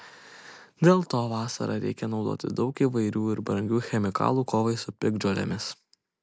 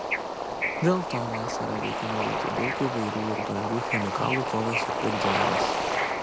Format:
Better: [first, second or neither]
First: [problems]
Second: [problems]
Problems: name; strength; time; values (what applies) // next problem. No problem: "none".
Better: first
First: none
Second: background sound (Bird / Ocean); 2 dB above the speech